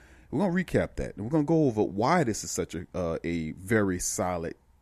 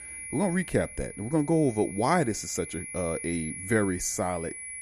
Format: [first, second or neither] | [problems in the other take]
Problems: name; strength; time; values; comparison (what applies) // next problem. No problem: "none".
first | high-pitched whine; loud; throughout; 10.5 kHz, 10 dB below the speech